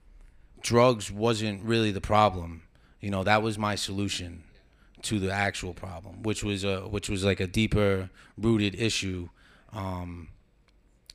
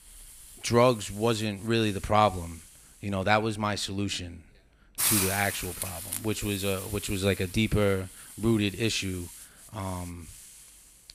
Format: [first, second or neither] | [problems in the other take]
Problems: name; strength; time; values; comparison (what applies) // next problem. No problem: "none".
first | hiss; loud; throughout; 6 dB below the speech